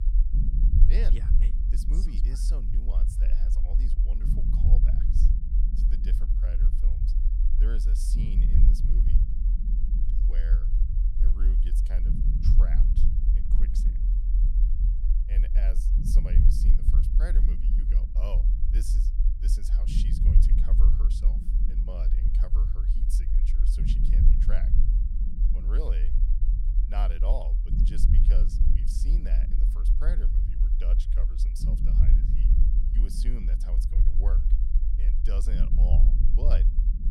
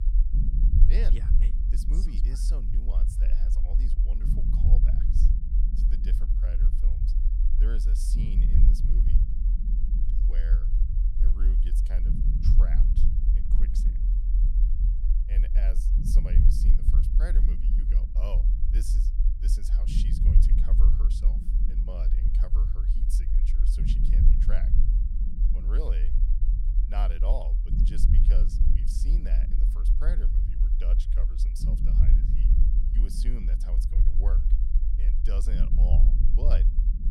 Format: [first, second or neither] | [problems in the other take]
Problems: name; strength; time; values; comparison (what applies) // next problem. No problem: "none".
neither | low rumble; loud; throughout; 1 dB below the speech; the same in both